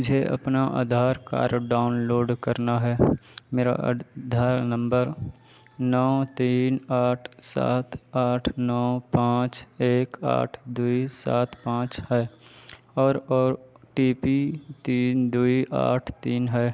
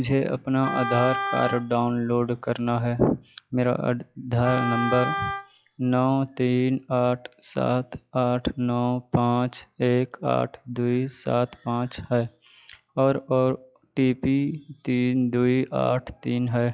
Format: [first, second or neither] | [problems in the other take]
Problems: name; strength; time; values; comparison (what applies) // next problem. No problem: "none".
first | noise reduction (classical method log-MMSE)